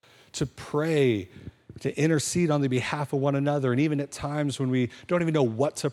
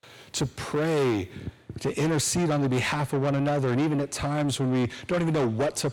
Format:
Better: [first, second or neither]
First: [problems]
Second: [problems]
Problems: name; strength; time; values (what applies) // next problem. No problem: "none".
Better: first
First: none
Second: distortion; heavy; 8 dB below the speech